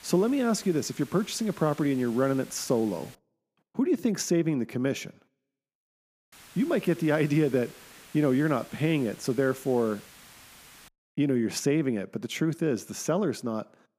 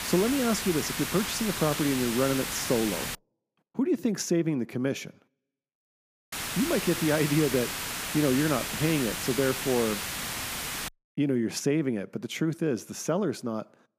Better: first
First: hiss; faint; until 3 s and from 6.5 to 11 s; 20 dB below the speech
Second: hiss; loud; until 3 s and from 6.5 to 11 s; 3 dB below the speech

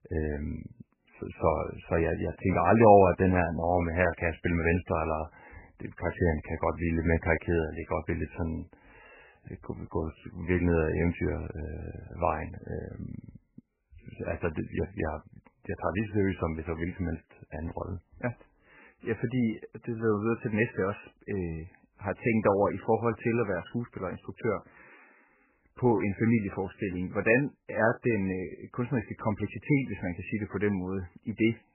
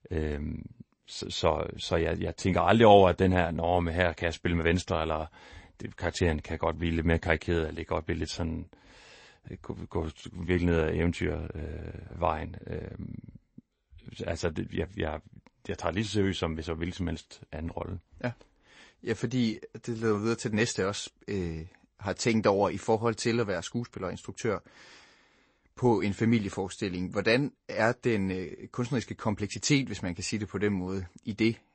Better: second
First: garbled, watery; badly; nothing above 2.5 kHz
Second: garbled, watery; slightly; nothing above 8 kHz

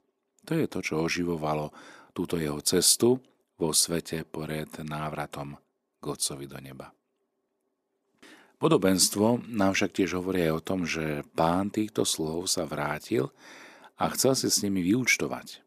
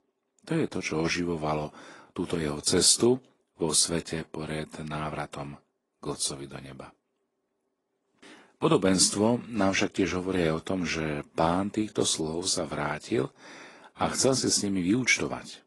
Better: first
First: none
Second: garbled, watery; slightly; nothing above 10.5 kHz

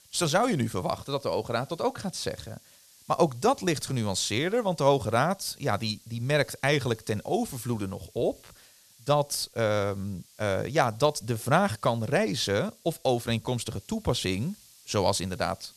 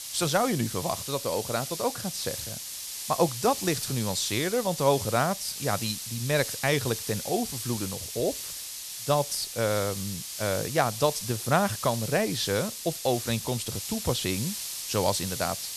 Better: first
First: hiss; faint; throughout; 25 dB below the speech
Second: hiss; loud; throughout; 5 dB below the speech

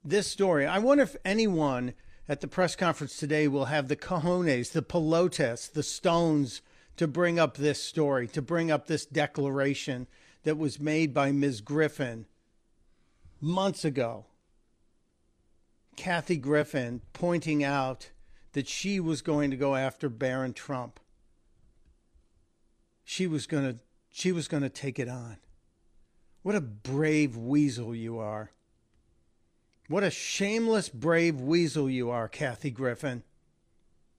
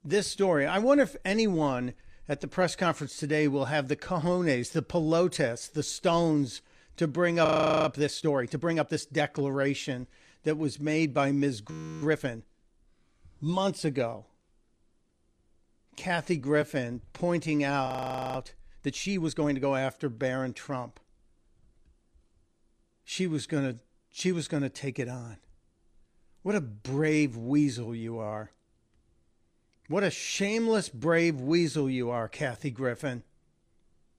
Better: first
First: none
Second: audio freezing; at 7.5 s, at 12 s and at 18 s

